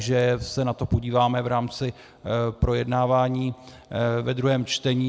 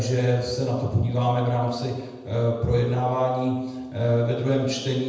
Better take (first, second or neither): first